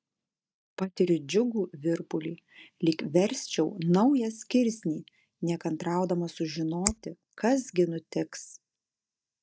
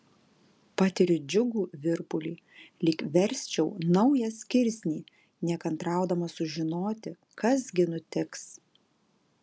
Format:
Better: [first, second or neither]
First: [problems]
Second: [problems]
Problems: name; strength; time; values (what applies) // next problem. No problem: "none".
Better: second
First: noise reduction (neural mask model DeepFilterNet 3)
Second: none